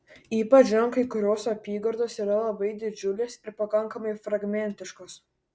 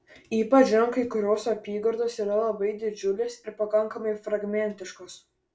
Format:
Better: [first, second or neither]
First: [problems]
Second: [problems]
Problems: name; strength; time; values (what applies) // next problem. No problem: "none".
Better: first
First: none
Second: room echo; dies away in 0.3 s